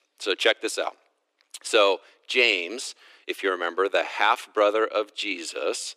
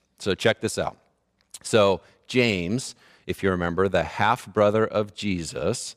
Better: second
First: thin; very; fading below 300 Hz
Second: none

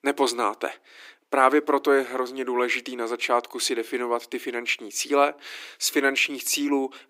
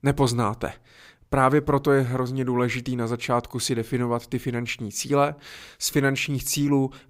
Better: second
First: thin; somewhat; fading below 300 Hz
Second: none

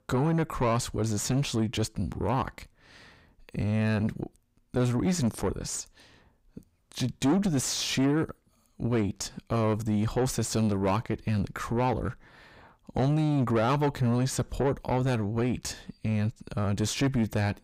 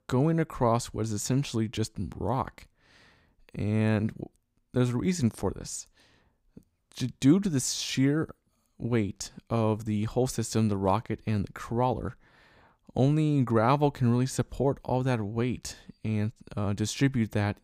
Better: second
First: distortion; heavy; 6 dB below the speech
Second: none

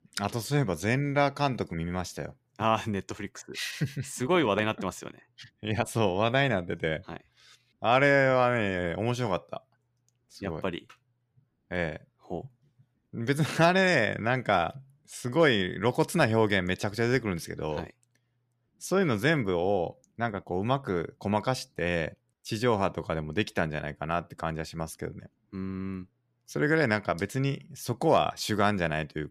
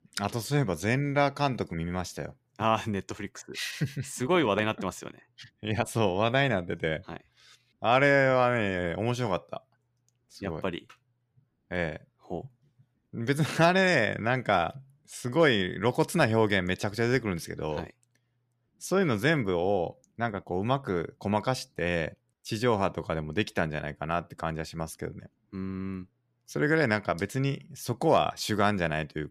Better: neither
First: none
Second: none

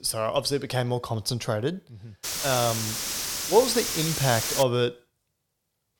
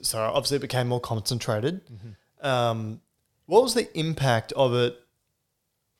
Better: second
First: hiss; loud; from 2 to 4.5 s; 2 dB below the speech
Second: none

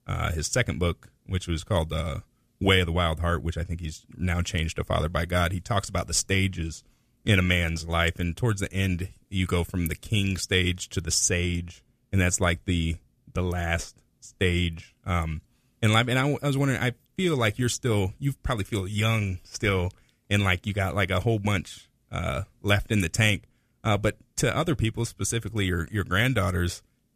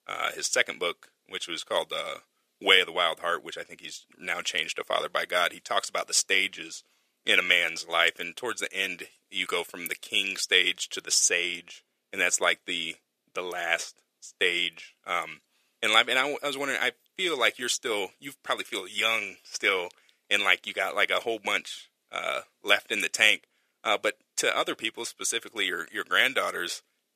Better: first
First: none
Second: thin; very; fading below 400 Hz

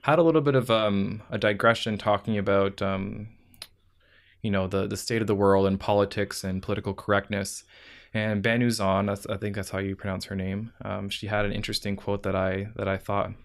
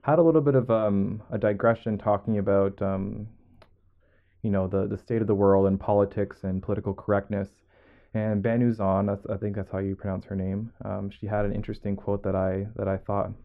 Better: first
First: none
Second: muffled; very; fading above 2.5 kHz

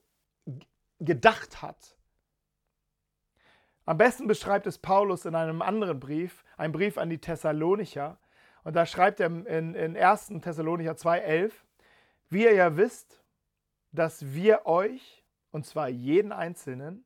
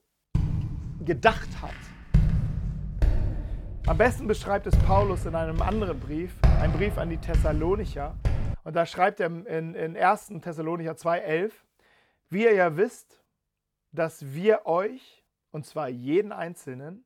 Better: first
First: none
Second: footsteps; loud; until 8.5 s; peak 4 dB above the speech

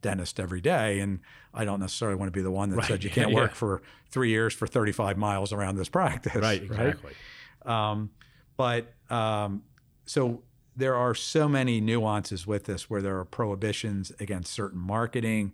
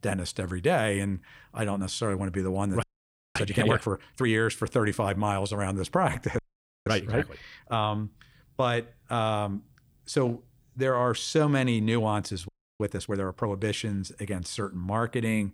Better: first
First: none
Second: audio freezing; at 3 s for 0.5 s, at 6.5 s and at 12 s

